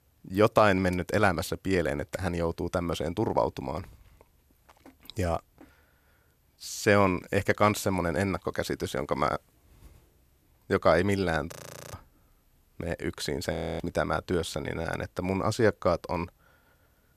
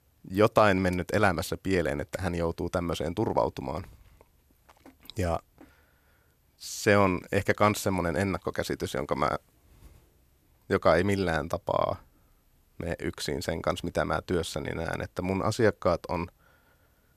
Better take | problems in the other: second | audio freezing; at 12 s and at 14 s

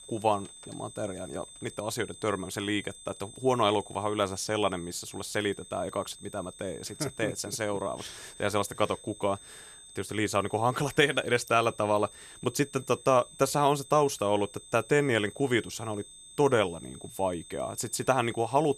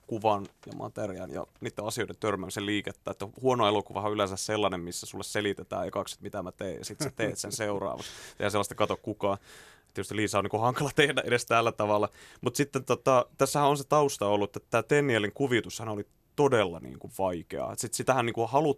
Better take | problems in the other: second | high-pitched whine; noticeable; throughout; 8 kHz, 15 dB below the speech

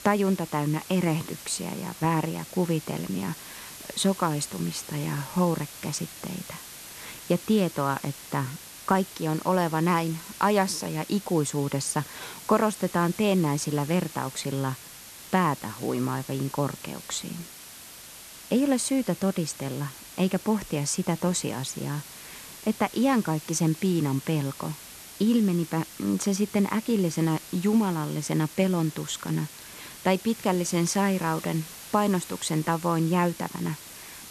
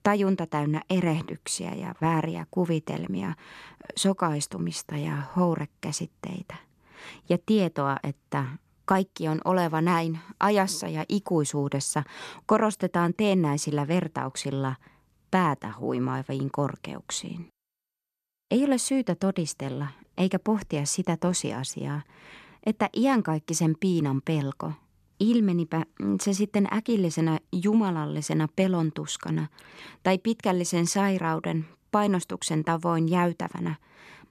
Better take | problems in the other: second | hiss; noticeable; throughout; 15 dB below the speech

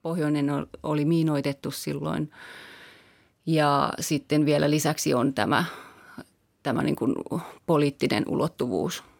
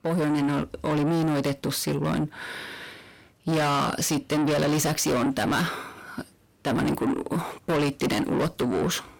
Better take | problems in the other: first | distortion; heavy; 6 dB below the speech

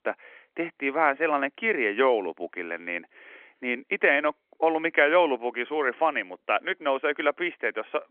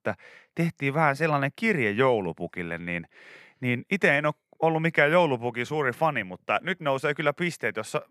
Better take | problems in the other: second | phone-call audio; nothing above 3.5 kHz

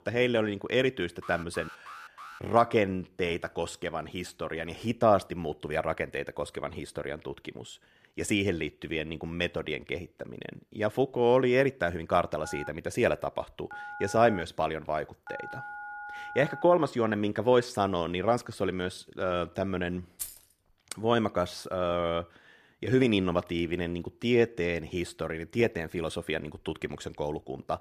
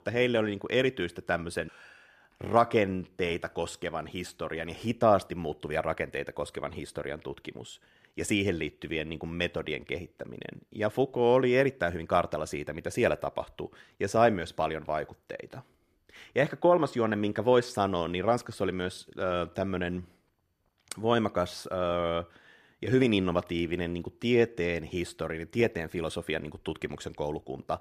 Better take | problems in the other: second | alarm; faint; from 1 to 2.5 s; peak 15 dB below the speech // phone ringing; faint; from 12 to 17 s; peak 10 dB below the speech // jangling keys; noticeable; at 20 s; peak 9 dB below the speech

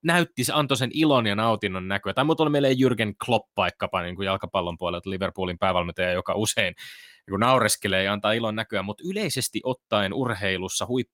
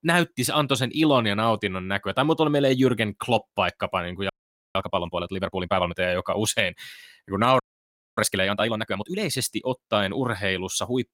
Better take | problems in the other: first | audio freezing; at 4.5 s and at 7.5 s for 0.5 s

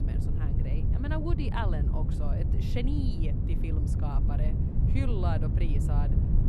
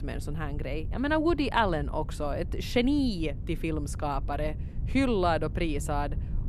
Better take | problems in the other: second | low rumble; loud; throughout; 2 dB below the speech; faint in the second

